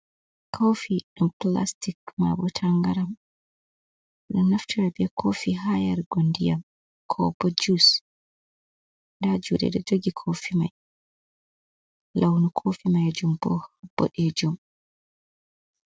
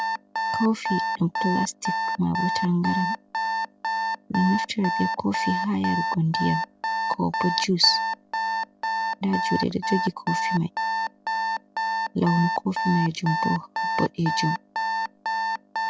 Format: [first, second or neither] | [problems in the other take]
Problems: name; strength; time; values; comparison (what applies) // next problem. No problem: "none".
first | background sound (Alarm); 1 dB below the speech